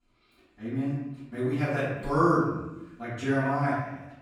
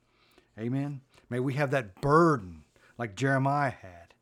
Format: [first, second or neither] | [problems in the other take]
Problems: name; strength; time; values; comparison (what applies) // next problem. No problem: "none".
second | off-mic speech; far // room echo; noticeable; dies away in 0.9 s